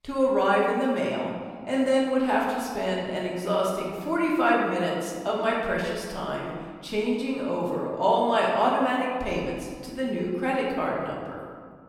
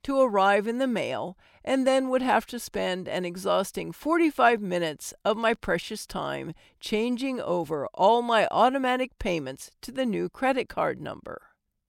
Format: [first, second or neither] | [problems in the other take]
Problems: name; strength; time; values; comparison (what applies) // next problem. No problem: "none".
second | room echo; noticeable; dies away in 1.7 s // off-mic speech; far